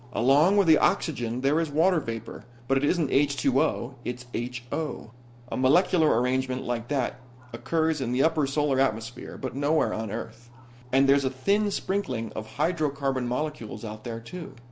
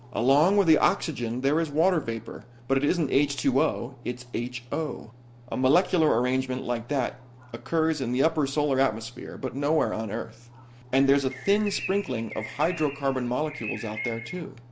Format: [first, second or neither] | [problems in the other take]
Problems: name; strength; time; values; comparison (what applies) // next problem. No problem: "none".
first | background sound (Bird); 13 dB below the speech